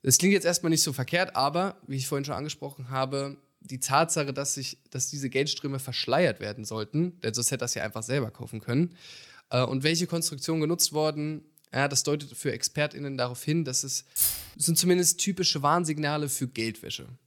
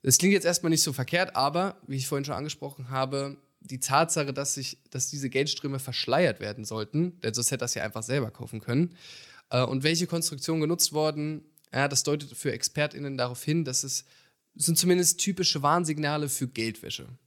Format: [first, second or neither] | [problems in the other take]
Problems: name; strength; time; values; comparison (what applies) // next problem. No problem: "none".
second | jangling keys; loud; at 14 s; peak 2 dB above the speech